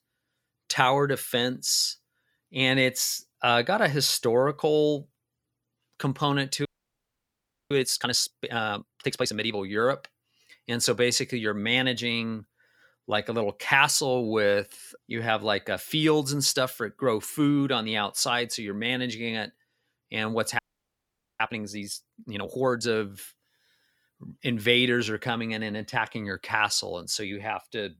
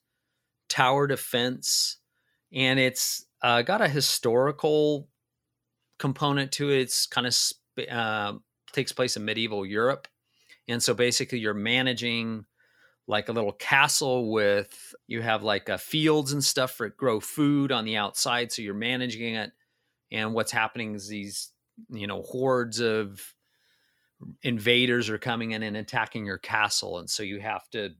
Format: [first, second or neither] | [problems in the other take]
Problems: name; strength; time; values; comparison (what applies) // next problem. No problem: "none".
second | audio freezing; at 6.5 s for 1 s and at 21 s for 1 s